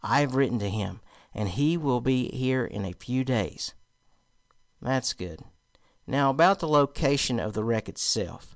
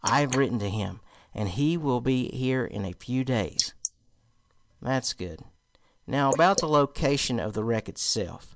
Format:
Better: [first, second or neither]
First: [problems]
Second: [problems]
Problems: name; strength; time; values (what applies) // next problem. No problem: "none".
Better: first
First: none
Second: noise reduction (neural mask model Resemble Enhance denoiser)